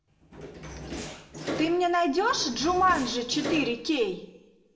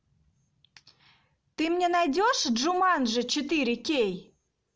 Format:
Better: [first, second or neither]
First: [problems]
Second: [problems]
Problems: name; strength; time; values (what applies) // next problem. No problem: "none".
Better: second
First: background sound (Door); 10 dB below the speech // room echo; dies away in 0.6 s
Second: none